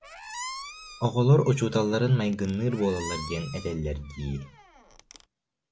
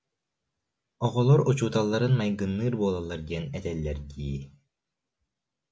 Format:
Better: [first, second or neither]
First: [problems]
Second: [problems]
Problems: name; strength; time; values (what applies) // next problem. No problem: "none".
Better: second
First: background sound (Squeak); 15 dB below the speech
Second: none